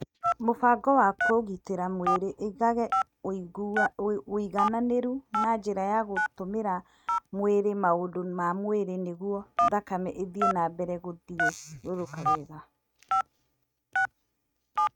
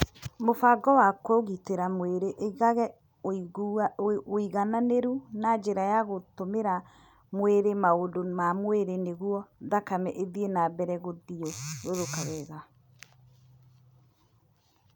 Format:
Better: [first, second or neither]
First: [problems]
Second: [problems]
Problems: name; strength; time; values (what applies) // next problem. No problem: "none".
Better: second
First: noise reduction (neural mask model RNNoise)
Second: none